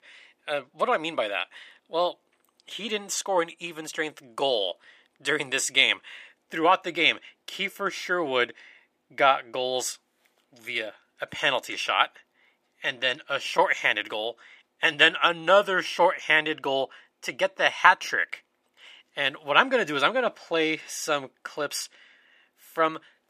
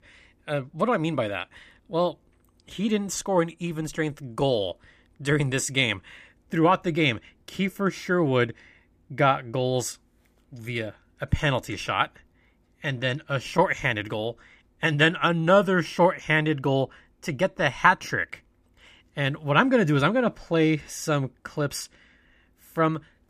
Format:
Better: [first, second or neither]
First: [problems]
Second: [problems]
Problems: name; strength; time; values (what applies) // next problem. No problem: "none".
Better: second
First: thin; very; fading below 500 Hz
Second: none